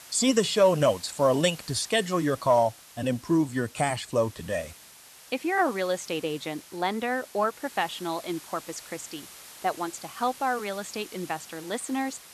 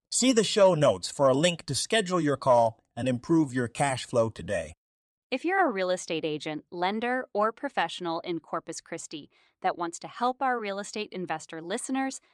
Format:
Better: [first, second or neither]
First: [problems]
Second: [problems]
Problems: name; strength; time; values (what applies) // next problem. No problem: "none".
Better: second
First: hiss; noticeable; throughout; 20 dB below the speech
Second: none